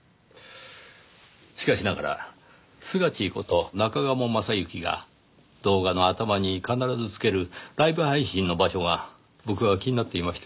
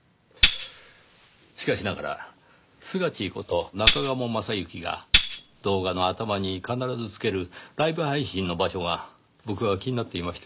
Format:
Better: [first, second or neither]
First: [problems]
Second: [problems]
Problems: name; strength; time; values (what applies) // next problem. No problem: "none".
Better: first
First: none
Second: background sound (Tambourine); 2 dB above the speech